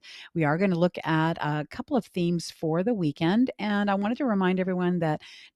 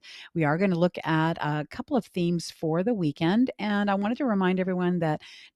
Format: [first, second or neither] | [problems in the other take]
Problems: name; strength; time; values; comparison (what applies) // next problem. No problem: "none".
neither | none